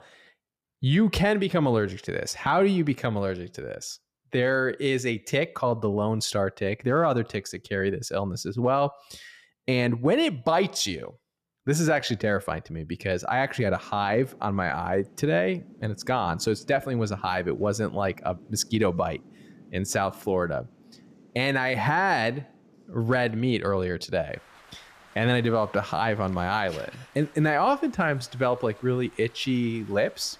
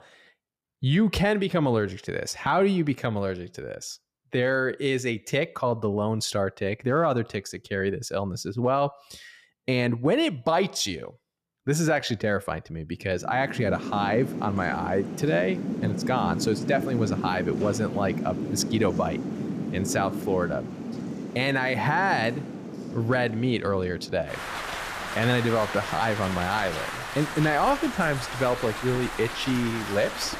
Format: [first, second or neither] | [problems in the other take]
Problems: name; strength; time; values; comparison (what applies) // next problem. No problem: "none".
first | rain or running water; loud; from 14 s on; 6 dB below the speech; faint in the first